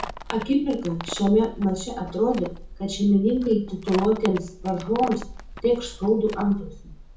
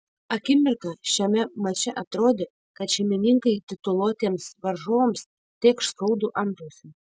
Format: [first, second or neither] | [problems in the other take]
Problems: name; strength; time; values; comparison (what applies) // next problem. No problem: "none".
second | background sound (Livestock, farm animals, working animals); 14 dB below the speech // room echo; dies away in 0.6 s